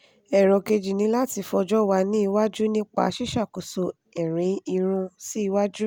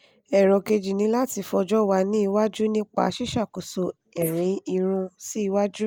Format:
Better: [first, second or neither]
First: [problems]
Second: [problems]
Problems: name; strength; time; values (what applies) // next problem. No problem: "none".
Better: first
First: none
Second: noise reduction (neural mask model Resemble Enhance denoiser)